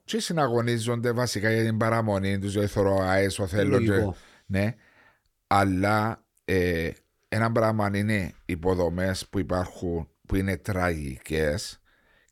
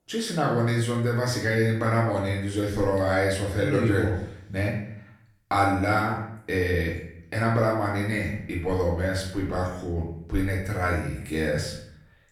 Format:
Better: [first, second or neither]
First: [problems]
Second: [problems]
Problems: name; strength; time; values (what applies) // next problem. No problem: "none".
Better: first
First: none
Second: room echo; noticeable; dies away in 0.6 s // off-mic speech; far